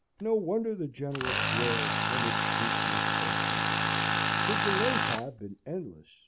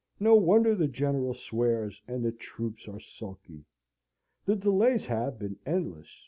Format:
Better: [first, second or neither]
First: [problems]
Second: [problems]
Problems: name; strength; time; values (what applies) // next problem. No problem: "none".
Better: second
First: background sound (Tools); 5 dB above the speech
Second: none